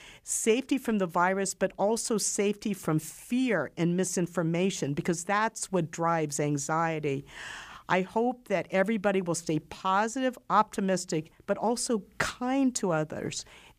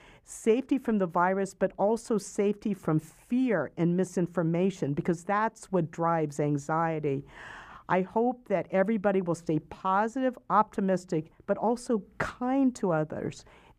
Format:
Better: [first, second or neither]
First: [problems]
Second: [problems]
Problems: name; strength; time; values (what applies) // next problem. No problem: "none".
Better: first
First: none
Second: muffled; slightly; fading above 2 kHz